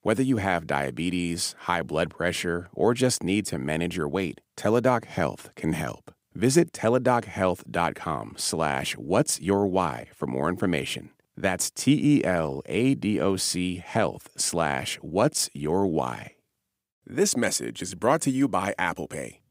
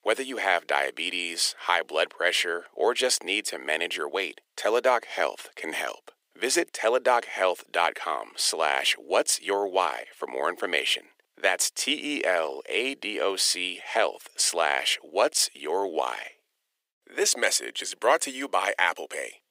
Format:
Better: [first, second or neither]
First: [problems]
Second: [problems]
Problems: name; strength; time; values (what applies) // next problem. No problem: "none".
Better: first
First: none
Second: thin; very; fading below 400 Hz